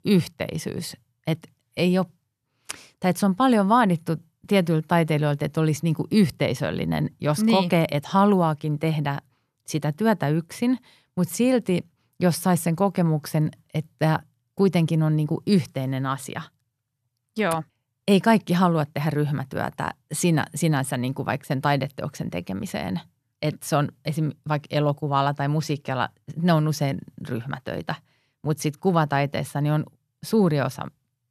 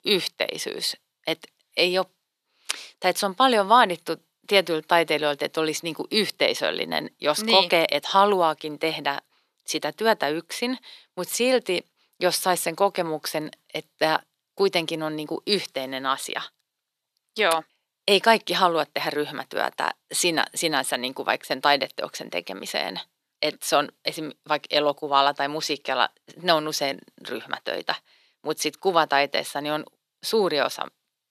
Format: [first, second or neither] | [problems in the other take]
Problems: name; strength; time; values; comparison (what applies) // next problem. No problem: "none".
first | thin; very; fading below 350 Hz